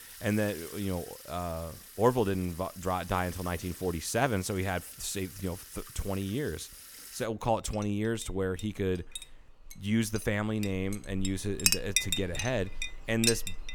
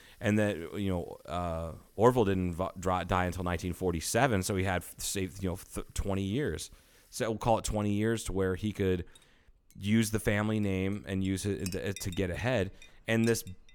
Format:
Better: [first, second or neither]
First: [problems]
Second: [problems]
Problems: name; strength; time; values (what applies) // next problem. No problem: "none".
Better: second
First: household noises; loud; throughout; 4 dB below the speech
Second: household noises; faint; throughout; 25 dB below the speech